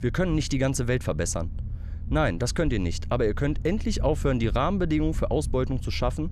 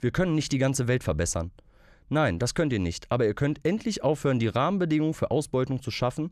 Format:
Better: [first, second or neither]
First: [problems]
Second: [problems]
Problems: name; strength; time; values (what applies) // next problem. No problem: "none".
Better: second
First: low rumble; faint; throughout; 20 dB below the speech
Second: none